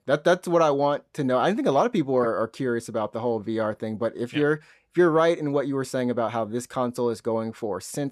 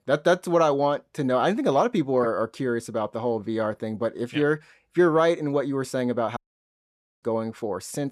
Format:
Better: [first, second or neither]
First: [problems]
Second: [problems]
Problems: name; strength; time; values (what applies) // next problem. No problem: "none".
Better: first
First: none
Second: audio cutting out; at 6.5 s for 1 s